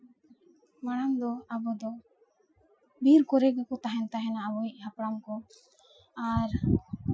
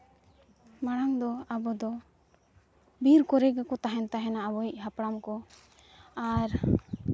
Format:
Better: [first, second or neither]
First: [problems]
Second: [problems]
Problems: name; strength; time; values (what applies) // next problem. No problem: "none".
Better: second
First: noise reduction (classical method Wiener filter)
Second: none